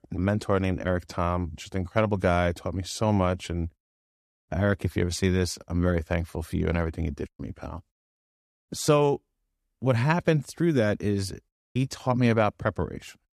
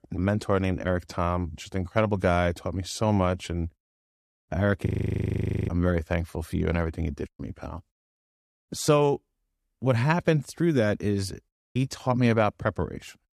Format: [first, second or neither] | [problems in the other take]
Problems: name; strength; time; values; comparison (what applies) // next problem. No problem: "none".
first | audio freezing; at 5 s for 1 s